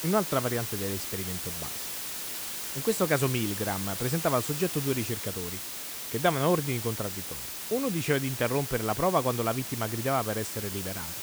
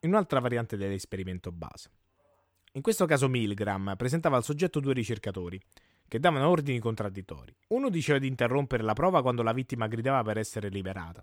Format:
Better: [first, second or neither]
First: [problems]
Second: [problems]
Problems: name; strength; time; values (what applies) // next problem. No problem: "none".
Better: second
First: hiss; loud; throughout; 4 dB below the speech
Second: none